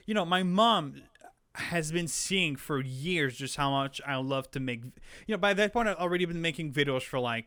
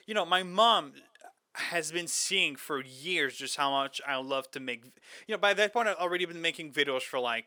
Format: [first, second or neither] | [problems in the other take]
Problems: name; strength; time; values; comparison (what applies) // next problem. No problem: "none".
first | thin; somewhat; fading below 400 Hz